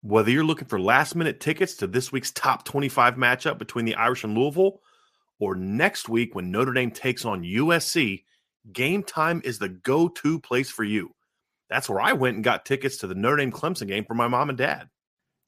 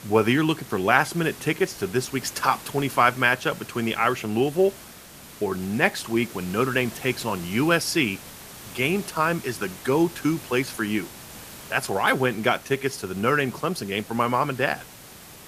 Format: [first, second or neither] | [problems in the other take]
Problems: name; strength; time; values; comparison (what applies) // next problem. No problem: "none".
first | hiss; noticeable; throughout; 15 dB below the speech